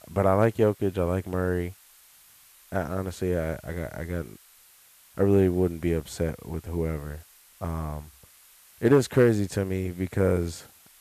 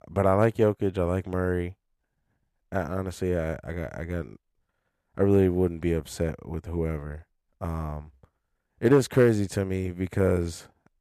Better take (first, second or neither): second